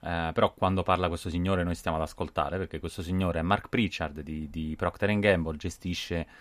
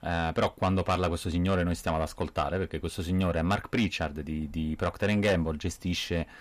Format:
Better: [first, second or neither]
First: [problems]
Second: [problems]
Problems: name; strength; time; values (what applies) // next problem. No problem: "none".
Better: first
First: none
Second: distortion; slight; 10 dB below the speech